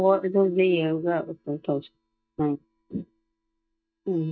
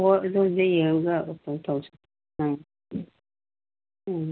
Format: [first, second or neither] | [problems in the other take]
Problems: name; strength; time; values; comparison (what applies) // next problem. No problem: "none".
second | noise reduction (neural mask model DeepFilterNet 3)